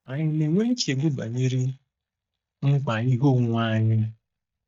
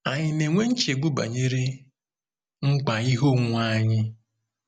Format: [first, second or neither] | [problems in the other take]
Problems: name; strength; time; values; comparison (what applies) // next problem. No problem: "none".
second | noise reduction (neural mask model DeepFilterNet 3)